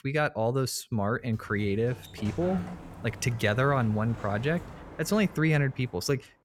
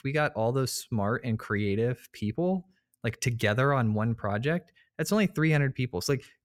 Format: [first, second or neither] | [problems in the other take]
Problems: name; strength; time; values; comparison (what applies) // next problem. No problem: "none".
second | door banging; noticeable; from 1.5 to 6 s; peak 8 dB below the speech